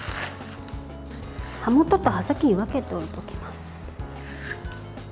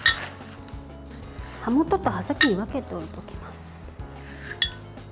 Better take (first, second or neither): first